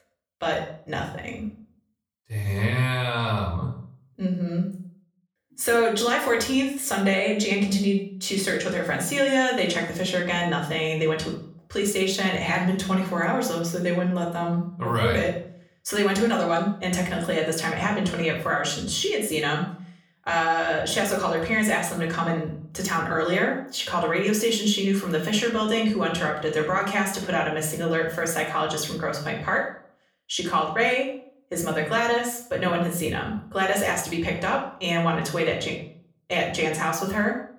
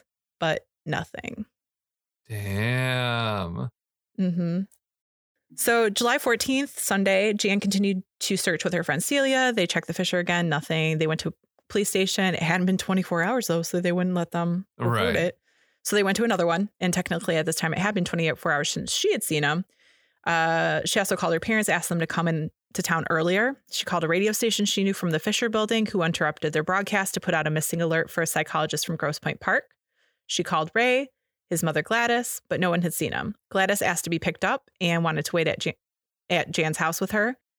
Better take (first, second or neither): second